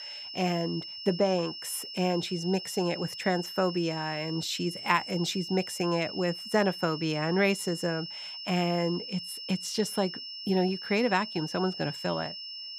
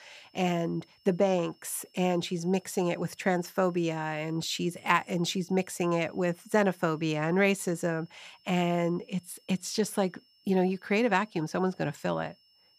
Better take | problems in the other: second | high-pitched whine; loud; throughout; 5.5 kHz, 8 dB below the speech; faint in the second

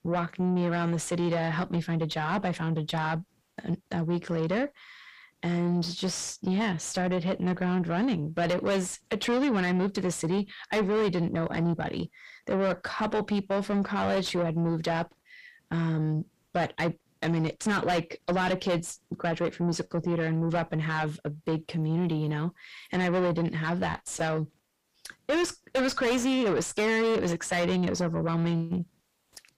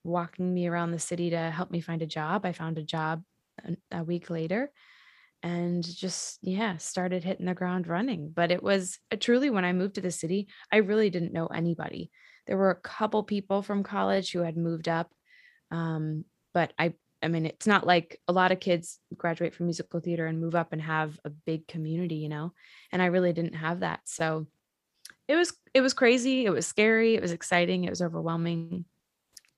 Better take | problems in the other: second | distortion; heavy; 6 dB below the speech

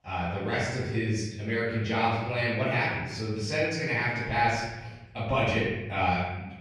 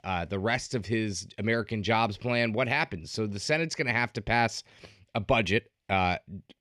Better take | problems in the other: second | room echo; strong; dies away in 1.1 s // off-mic speech; far

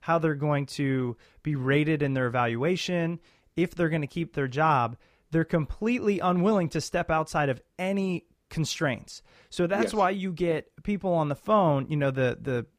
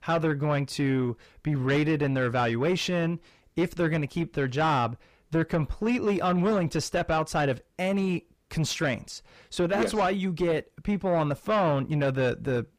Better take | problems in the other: first | distortion; slight; 10 dB below the speech

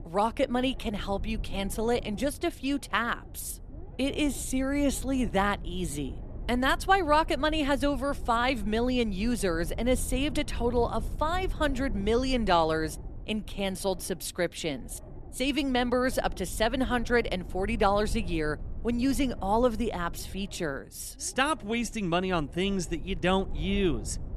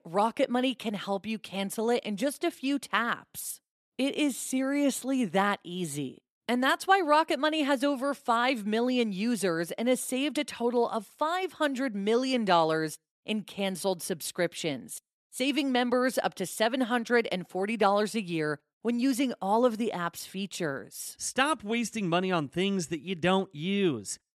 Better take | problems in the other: second | low rumble; faint; throughout; 20 dB below the speech

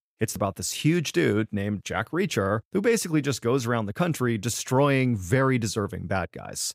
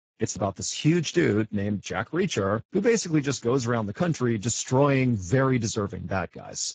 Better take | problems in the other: first | garbled, watery; badly; nothing above 7.5 kHz

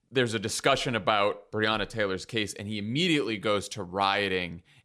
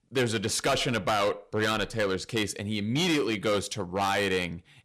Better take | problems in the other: first | distortion; heavy; 10% of the sound clipped

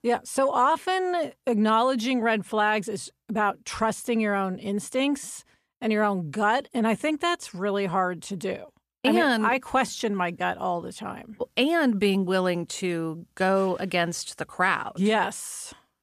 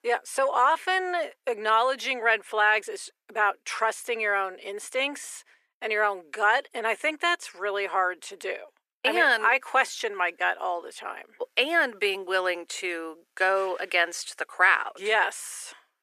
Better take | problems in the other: first | thin; very; fading below 350 Hz

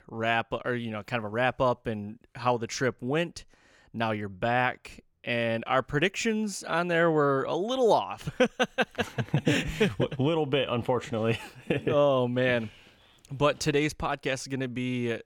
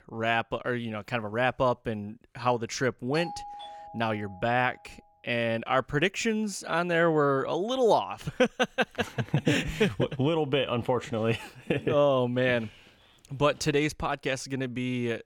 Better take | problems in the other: first | doorbell; faint; from 3 to 4.5 s; peak 10 dB below the speech

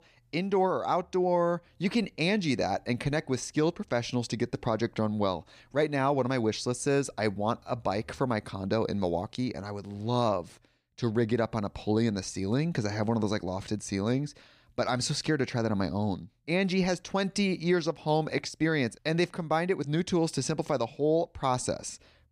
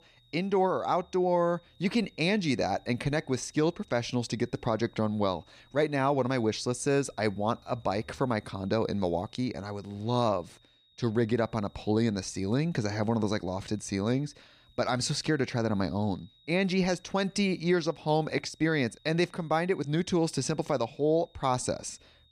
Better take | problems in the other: first | high-pitched whine; faint; throughout; 4 kHz, 30 dB below the speech

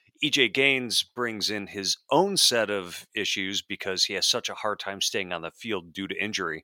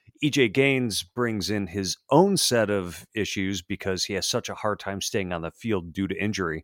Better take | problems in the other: second | thin; very slightly; fading below 900 Hz

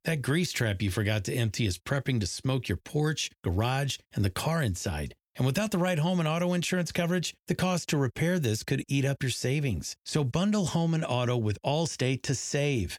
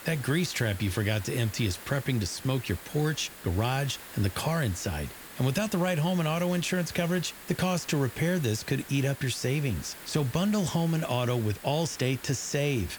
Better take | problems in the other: first | hiss; noticeable; throughout; 15 dB below the speech

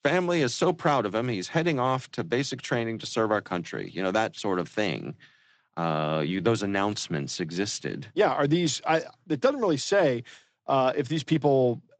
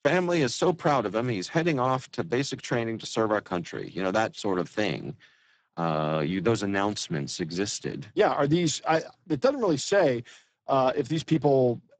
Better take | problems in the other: first | garbled, watery; badly; nothing above 7.5 kHz; slightly in the first

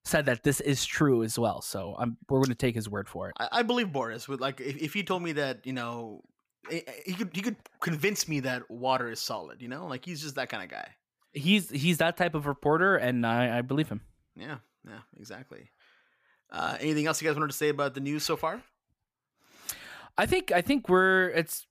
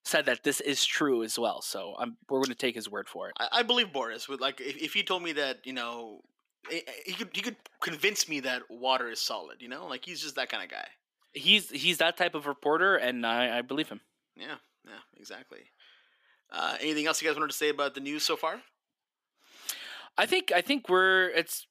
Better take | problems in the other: first | thin; very slightly; fading below 300 Hz

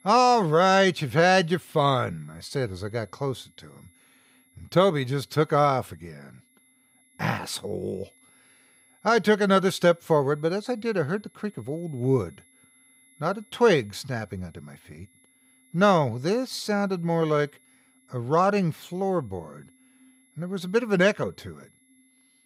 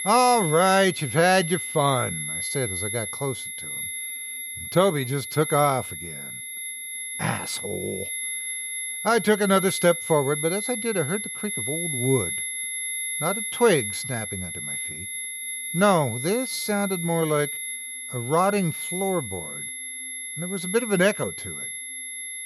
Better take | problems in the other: first | high-pitched whine; loud; throughout; 2 kHz, 5 dB below the speech; faint in the first

